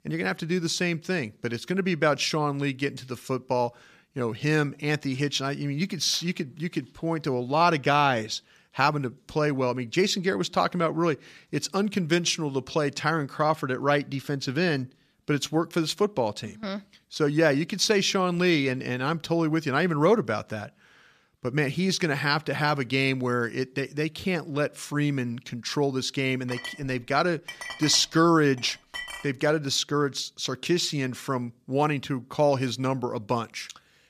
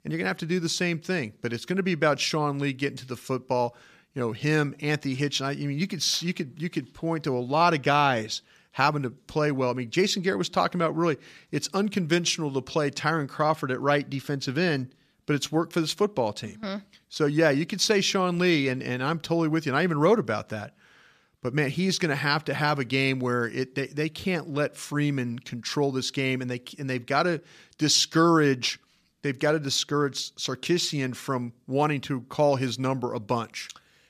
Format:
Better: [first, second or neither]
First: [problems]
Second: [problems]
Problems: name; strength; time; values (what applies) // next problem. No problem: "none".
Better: second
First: clattering dishes; noticeable; from 26 to 29 s; peak 9 dB below the speech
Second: none